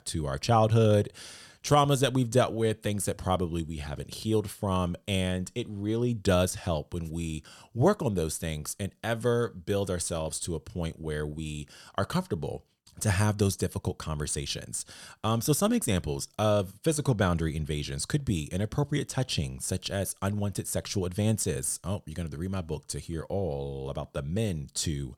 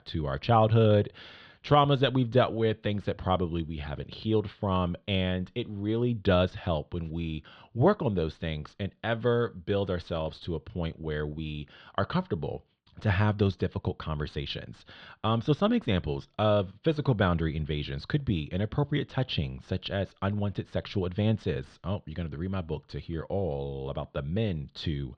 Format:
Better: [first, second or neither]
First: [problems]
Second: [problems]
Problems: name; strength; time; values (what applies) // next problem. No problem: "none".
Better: first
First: none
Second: muffled; slightly; fading above 3.5 kHz